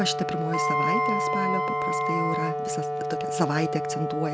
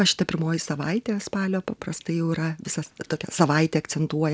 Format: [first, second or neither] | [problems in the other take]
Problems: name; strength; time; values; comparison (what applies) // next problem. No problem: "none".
second | background sound (Wind instrument, woodwind instrument + Wind instrument, woodwind instrument); 3 dB above the speech